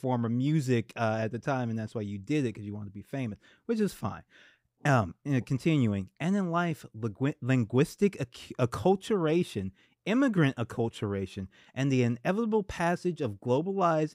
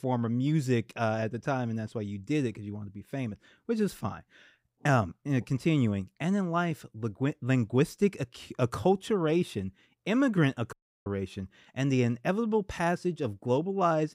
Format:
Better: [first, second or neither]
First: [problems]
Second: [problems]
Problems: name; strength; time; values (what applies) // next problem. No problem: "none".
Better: first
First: none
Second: audio cutting out; at 11 s